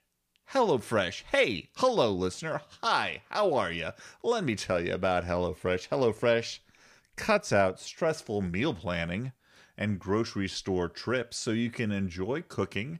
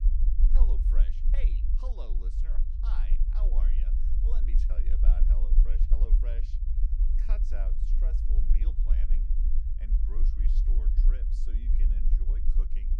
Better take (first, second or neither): first